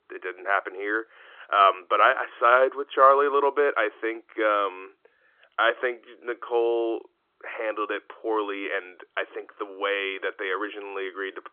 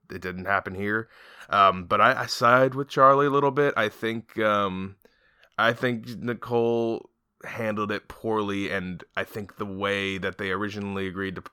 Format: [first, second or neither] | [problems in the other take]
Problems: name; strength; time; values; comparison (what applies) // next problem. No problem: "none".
second | phone-call audio; nothing above 3.5 kHz